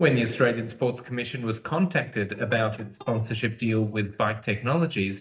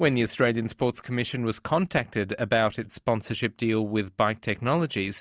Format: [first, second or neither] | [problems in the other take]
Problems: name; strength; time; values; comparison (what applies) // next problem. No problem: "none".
second | noise reduction (neural mask model DeepFilterNet 3)